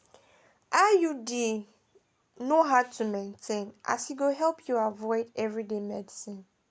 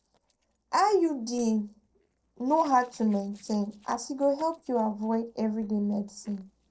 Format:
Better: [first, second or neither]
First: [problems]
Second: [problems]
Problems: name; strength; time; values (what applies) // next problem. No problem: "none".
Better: first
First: none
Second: noise reduction (neural separator model SepFormer DNS4)